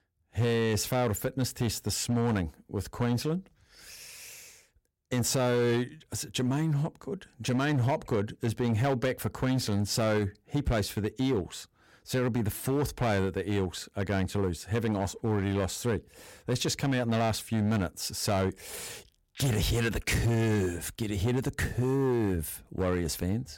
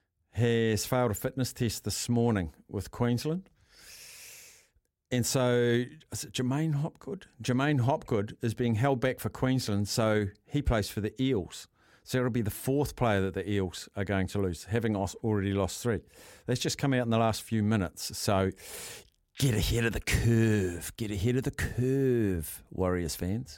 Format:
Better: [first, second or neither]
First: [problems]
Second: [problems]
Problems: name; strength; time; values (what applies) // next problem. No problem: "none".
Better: second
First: distortion; slight; 10% of the sound clipped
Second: none